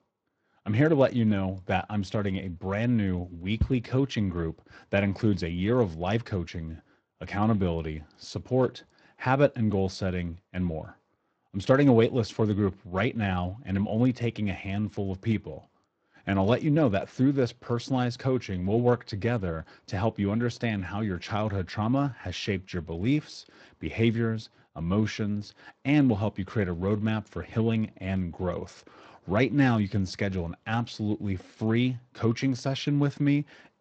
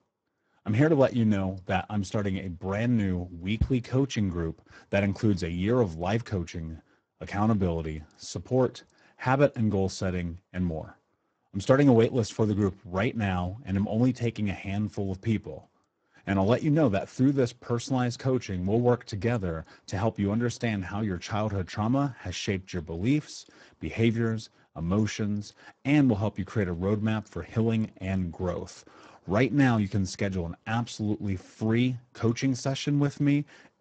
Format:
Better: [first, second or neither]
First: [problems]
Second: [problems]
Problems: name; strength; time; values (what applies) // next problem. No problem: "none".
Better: first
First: garbled, watery; slightly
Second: garbled, watery; badly; nothing above 7.5 kHz